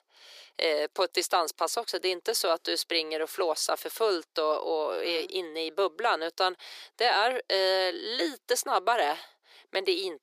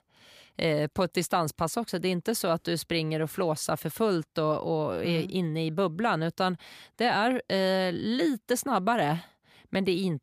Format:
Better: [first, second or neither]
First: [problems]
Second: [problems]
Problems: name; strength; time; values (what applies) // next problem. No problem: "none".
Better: second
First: thin; very; fading below 350 Hz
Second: none